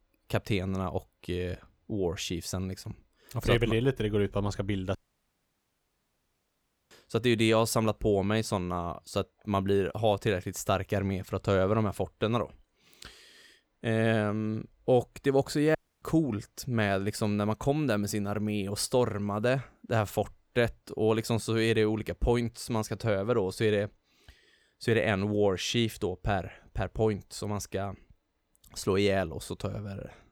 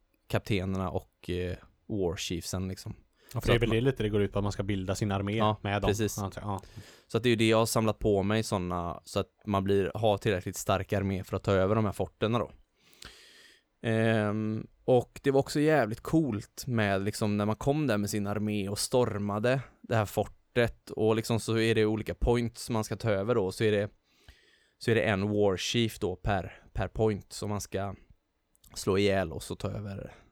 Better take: second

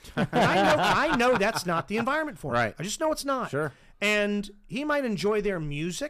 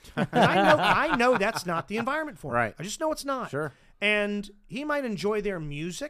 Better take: second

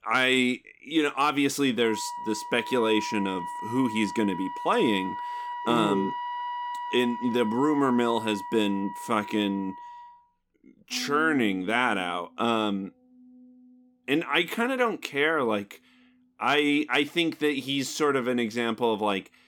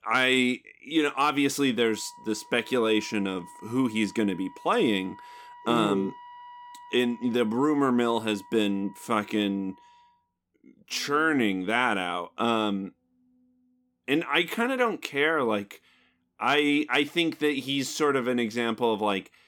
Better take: second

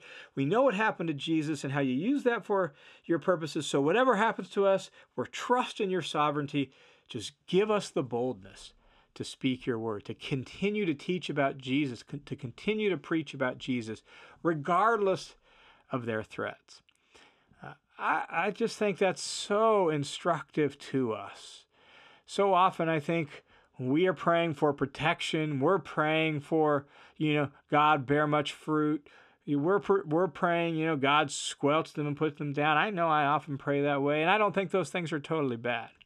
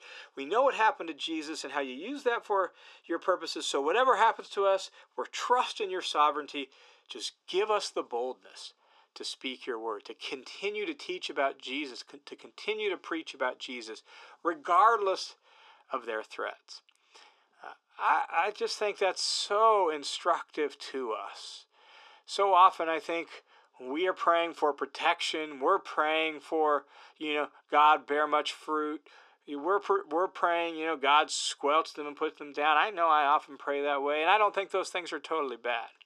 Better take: first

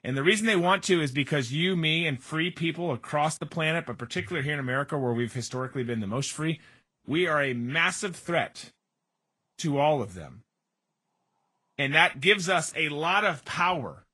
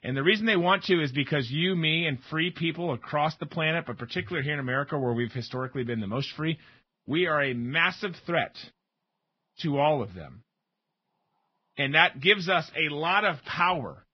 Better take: first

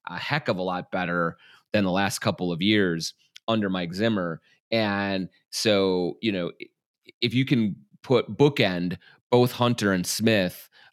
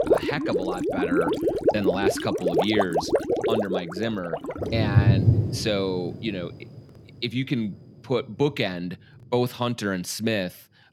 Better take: first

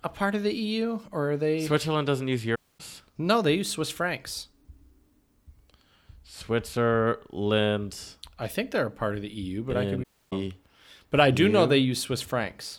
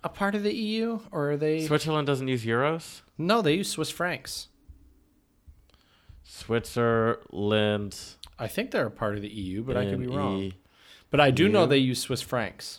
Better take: second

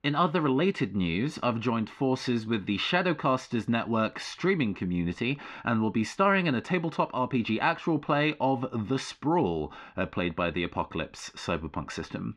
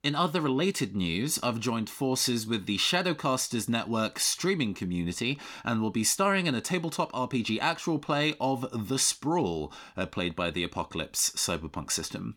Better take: second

